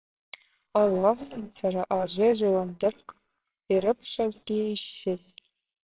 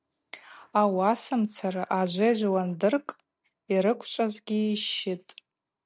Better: second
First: noise reduction (neural separator model SepFormer WHAMR!)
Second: none

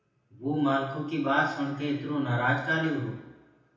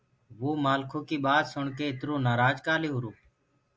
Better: second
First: room echo; dies away in 0.9 s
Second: none

